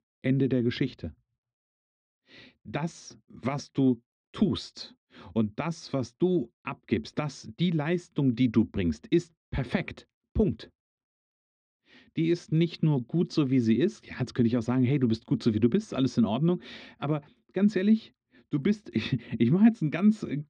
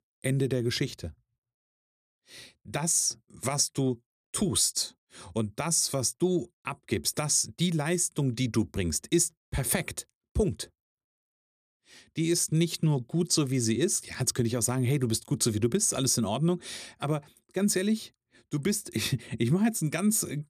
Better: second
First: muffled; very; fading above 3.5 kHz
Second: none

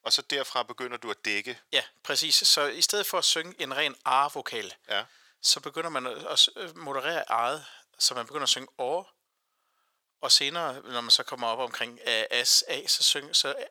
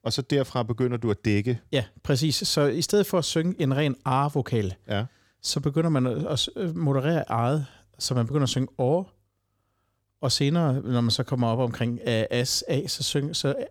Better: second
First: thin; very; fading below 900 Hz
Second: none

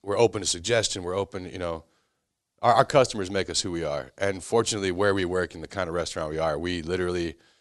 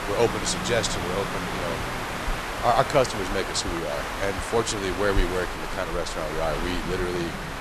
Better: first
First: none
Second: hiss; loud; throughout; 3 dB below the speech

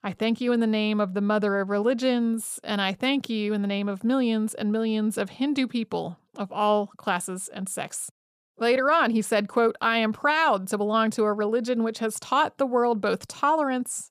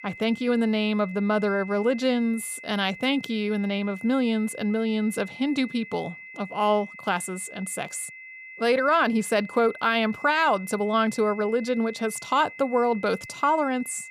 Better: first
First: none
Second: high-pitched whine; noticeable; throughout; 2 kHz, 15 dB below the speech

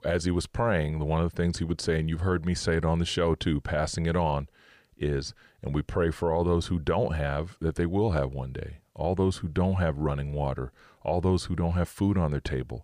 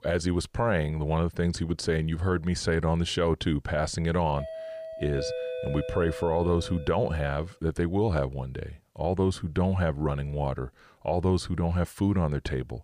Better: first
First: none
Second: doorbell; noticeable; from 4.5 to 7.5 s; peak 5 dB below the speech

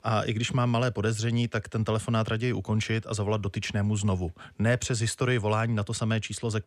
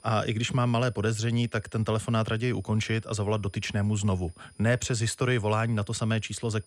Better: first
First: none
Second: high-pitched whine; faint; throughout; 9.5 kHz, 30 dB below the speech

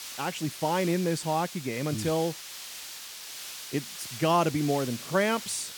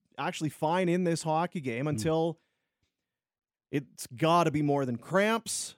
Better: second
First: hiss; loud; throughout; 10 dB below the speech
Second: none

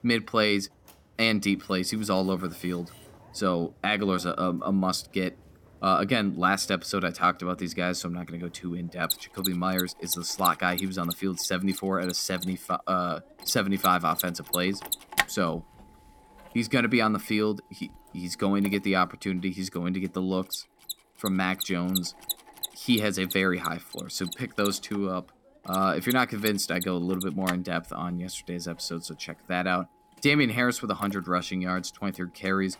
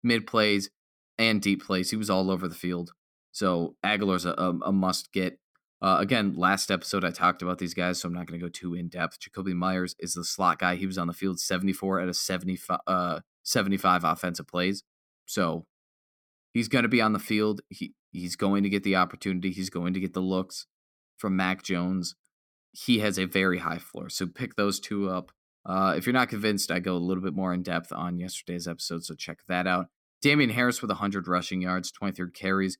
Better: second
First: machinery noise; loud; throughout; 7 dB below the speech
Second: none

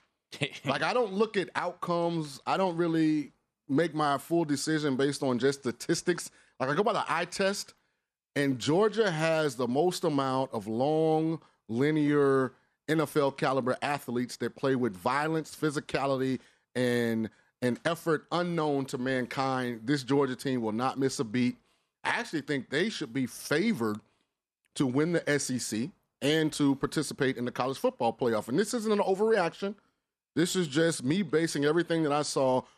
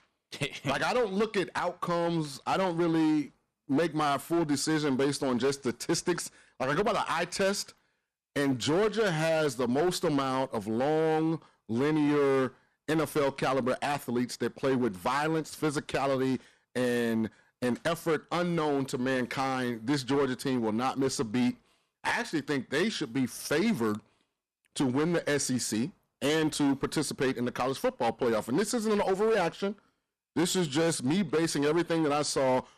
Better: first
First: none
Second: distortion; slight; 11% of the sound clipped

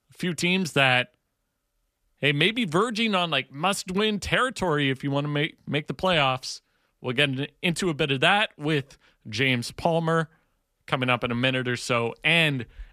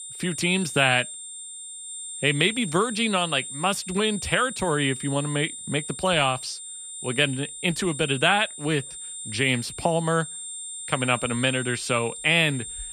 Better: first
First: none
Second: high-pitched whine; loud; throughout; 8.5 kHz, 10 dB below the speech

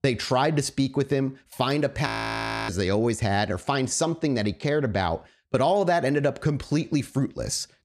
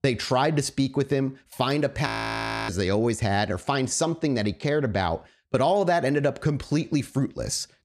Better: neither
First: audio freezing; at 2 s for 0.5 s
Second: audio freezing; at 2 s for 0.5 s

